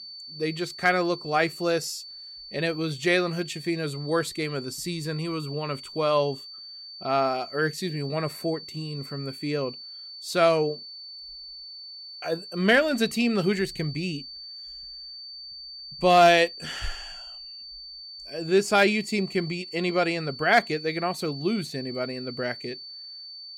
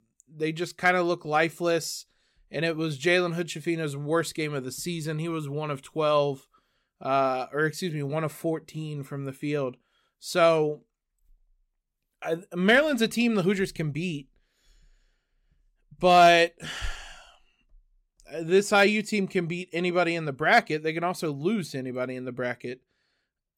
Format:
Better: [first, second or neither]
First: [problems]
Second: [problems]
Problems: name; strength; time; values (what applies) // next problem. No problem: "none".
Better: second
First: high-pitched whine; noticeable; throughout; 4.5 kHz, 15 dB below the speech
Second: none